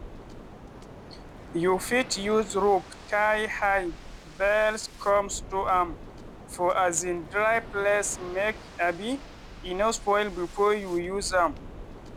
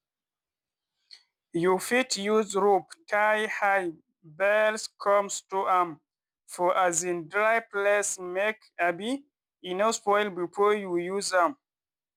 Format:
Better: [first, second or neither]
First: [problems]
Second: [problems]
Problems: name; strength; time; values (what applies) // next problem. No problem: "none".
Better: second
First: background sound (Waves, surf); 15 dB below the speech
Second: none